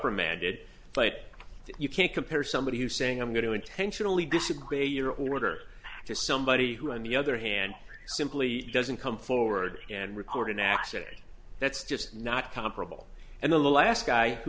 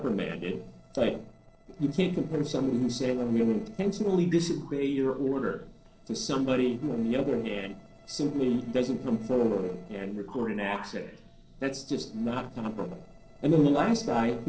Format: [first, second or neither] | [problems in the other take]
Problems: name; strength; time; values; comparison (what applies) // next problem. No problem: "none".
first | noise reduction (neural separator model SepFormer DNS4)